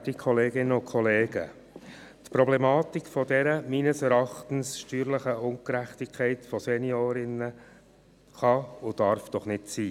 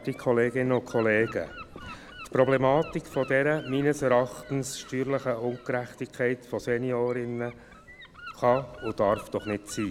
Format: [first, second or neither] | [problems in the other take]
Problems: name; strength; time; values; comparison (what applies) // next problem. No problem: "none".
first | background sound (Gull, seagull / Wind); 19 dB below the speech